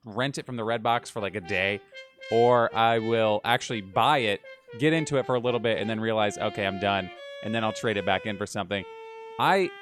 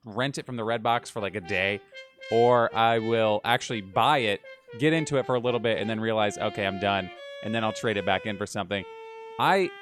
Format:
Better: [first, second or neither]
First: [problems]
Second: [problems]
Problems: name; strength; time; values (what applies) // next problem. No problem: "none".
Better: neither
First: background music; noticeable; throughout; 15 dB below the speech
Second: background music; noticeable; throughout; 15 dB below the speech